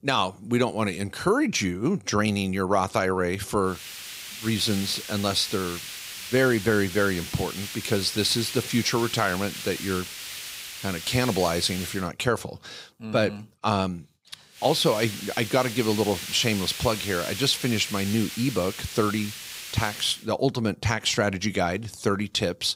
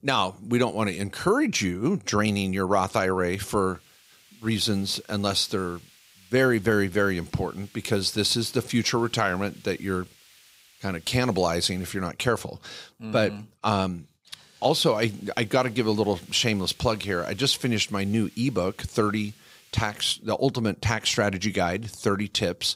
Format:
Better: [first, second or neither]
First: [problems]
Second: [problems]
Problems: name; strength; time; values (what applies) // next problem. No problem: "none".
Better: second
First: hiss; loud; from 3.5 to 12 s and from 15 to 20 s; 9 dB below the speech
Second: hiss; faint; from 3.5 to 12 s and from 15 to 20 s; 25 dB below the speech